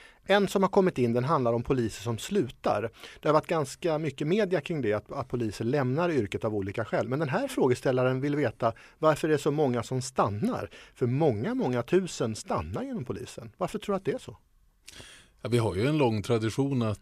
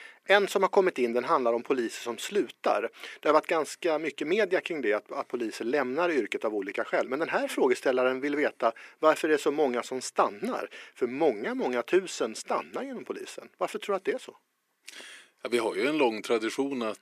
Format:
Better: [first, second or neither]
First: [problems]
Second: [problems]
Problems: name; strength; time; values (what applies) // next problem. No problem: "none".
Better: first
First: none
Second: thin; somewhat; fading below 250 Hz